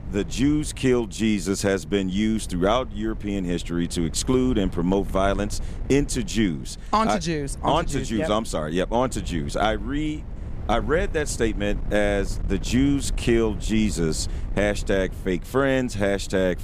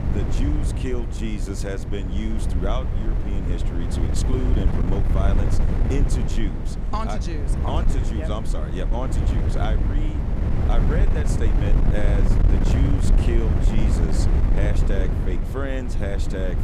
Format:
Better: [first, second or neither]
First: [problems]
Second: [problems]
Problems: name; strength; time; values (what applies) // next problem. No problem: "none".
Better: first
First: wind noise on the microphone; occasional gusts; 20 dB below the speech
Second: wind noise on the microphone; heavy; 1 dB below the speech